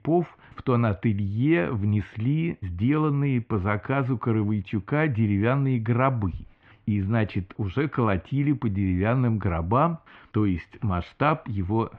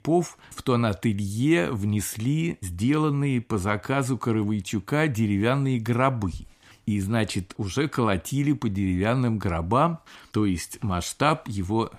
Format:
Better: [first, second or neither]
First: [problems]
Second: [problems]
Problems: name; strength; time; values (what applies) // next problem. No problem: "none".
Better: second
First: muffled; very; fading above 2.5 kHz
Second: none